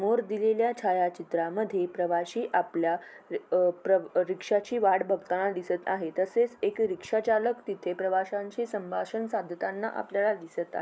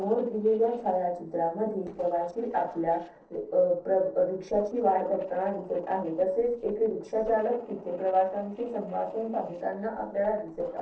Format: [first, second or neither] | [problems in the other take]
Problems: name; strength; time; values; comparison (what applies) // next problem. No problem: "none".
first | noise reduction (neural separator model SepFormer DNS4)